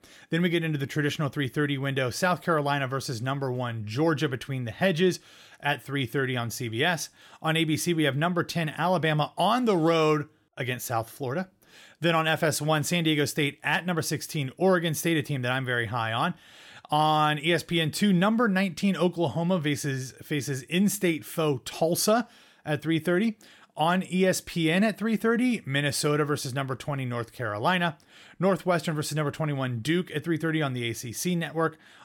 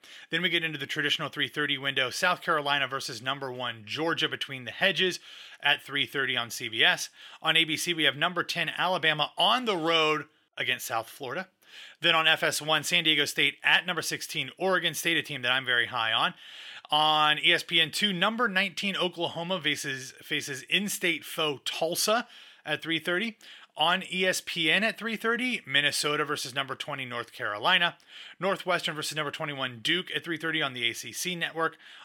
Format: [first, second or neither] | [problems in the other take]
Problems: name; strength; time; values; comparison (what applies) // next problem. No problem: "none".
first | thin; somewhat; fading below 850 Hz